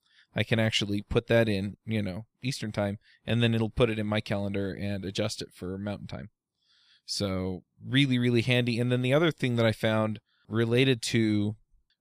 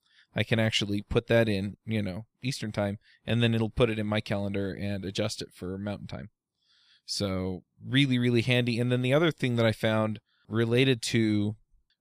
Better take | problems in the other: neither | none

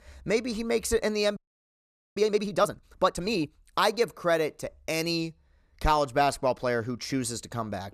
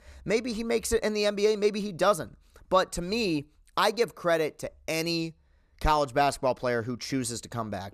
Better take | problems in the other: second | audio freezing; at 1.5 s for 1 s

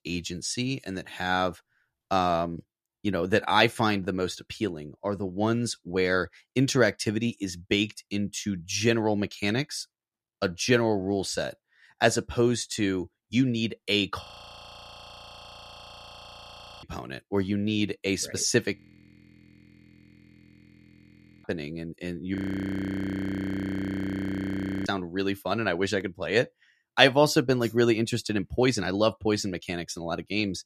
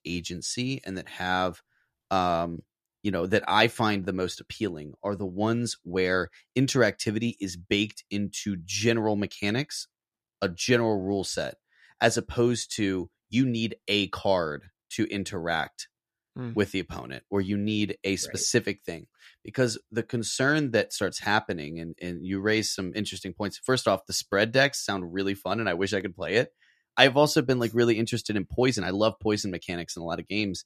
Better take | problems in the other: second | audio freezing; at 14 s for 2.5 s, at 19 s for 2.5 s and at 22 s for 2.5 s

